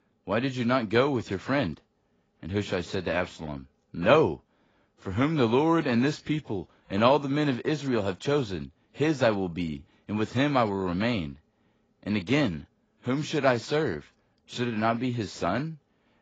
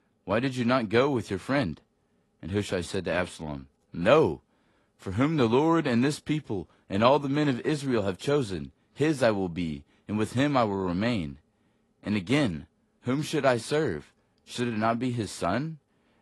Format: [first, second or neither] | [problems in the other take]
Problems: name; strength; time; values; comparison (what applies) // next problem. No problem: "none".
second | garbled, watery; badly; nothing above 7.5 kHz; slightly in the second